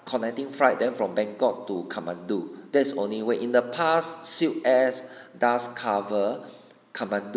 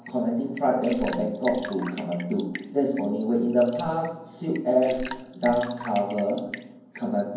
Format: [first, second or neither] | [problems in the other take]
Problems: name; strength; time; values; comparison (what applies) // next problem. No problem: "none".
first | background sound (Raindrop / Drip); 16 dB below the speech // room echo; dies away in 0.9 s